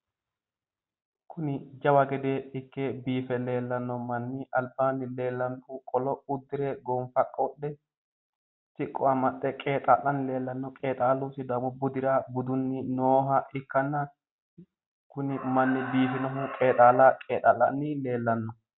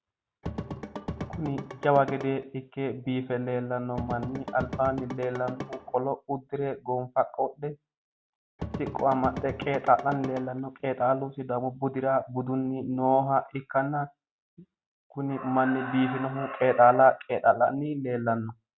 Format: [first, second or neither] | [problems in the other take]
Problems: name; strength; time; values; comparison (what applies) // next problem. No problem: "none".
first | background sound (Drum / Drum kit); 9 dB below the speech